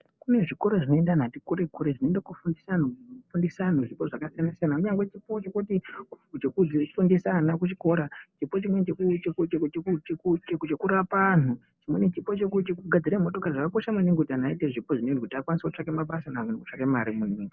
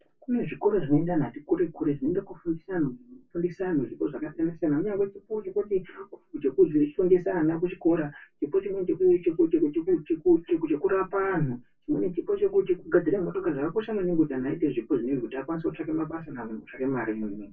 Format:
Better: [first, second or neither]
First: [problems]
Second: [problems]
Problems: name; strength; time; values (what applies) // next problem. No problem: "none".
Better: first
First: none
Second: room echo; dies away in 0.1 s